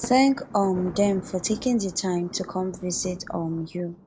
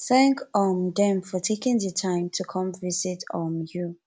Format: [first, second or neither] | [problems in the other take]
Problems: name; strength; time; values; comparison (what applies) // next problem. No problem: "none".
second | background sound (Thunder); 15 dB below the speech